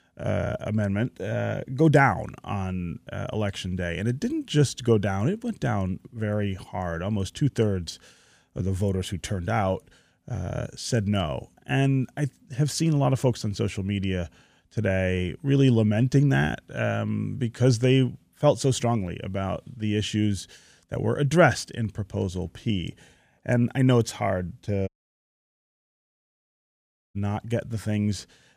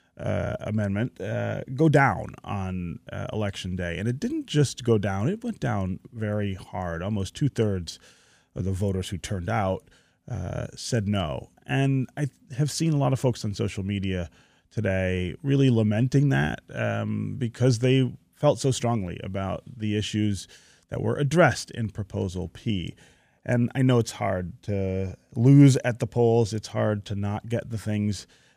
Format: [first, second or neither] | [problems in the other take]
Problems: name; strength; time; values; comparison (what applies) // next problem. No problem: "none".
second | audio cutting out; at 25 s for 2.5 s